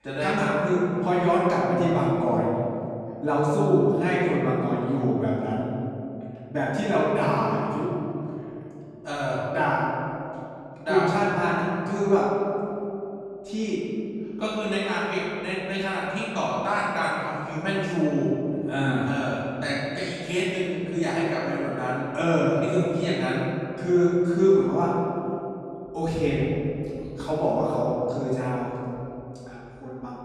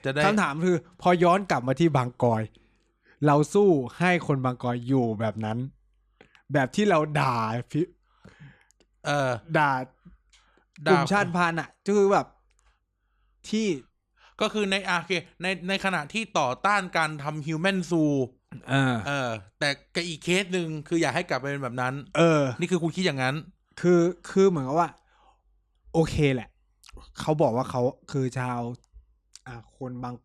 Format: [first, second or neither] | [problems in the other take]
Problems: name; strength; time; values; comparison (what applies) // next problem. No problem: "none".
second | off-mic speech; far // room echo; strong; dies away in 2.9 s